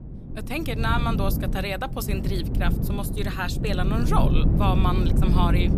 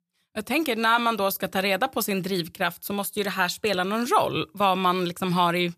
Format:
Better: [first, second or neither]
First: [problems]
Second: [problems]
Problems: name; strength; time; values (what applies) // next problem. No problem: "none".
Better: second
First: wind noise on the microphone; heavy; 6 dB below the speech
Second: none